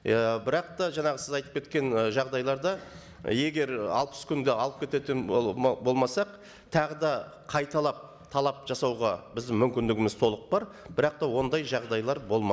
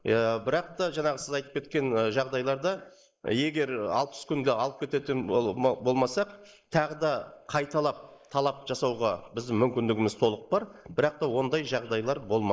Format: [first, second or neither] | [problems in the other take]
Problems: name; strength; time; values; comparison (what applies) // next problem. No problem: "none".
first | noise reduction (neural mask model Resemble Enhance denoiser)